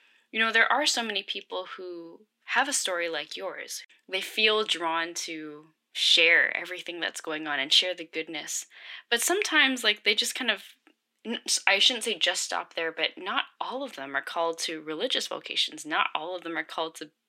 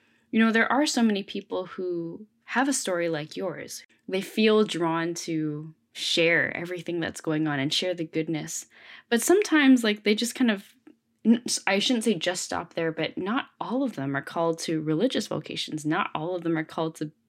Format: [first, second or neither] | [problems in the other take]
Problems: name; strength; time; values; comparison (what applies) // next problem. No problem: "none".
second | thin; very; fading below 600 Hz